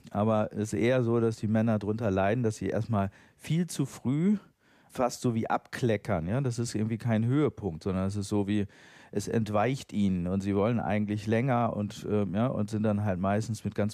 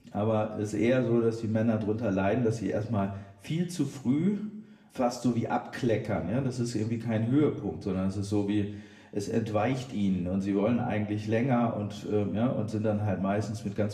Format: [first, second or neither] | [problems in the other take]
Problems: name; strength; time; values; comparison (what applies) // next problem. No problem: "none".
first | room echo; slight; dies away in 0.7 s // off-mic speech; somewhat distant